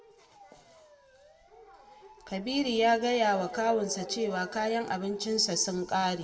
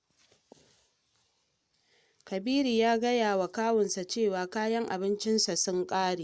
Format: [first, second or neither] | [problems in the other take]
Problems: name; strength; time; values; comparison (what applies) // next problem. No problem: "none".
second | background sound (Motor vehicle (road) / Siren); 16 dB below the speech // room echo; dies away in 1 s